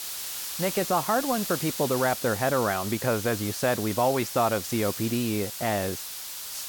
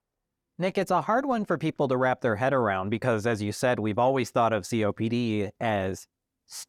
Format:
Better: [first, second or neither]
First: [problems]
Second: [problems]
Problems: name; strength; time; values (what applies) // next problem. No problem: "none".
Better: second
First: hiss; loud; throughout; 6 dB below the speech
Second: none